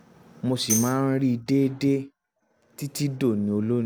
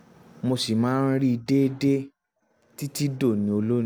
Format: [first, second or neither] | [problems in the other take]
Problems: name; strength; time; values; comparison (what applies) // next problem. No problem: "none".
second | background sound (Tambourine); 8 dB below the speech